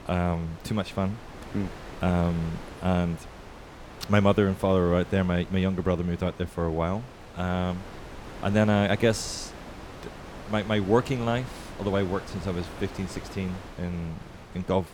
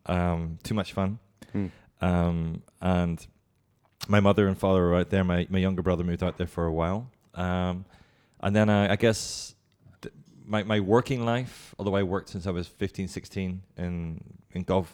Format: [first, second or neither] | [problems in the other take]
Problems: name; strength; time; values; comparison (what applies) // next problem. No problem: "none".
second | wind noise on the microphone; occasional gusts; 15 dB below the speech